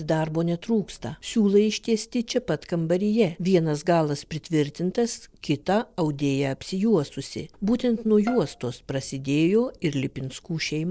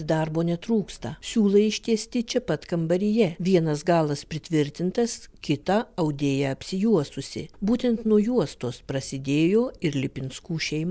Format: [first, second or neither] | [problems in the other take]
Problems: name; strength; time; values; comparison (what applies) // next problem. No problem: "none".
second | noise reduction (neural separator model SepFormer DNS4)